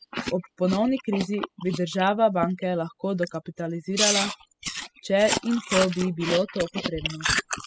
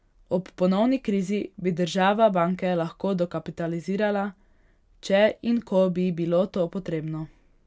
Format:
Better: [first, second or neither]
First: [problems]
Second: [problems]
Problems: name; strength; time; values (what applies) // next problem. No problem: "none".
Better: second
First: noise reduction (classical method spectral subtraction)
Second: none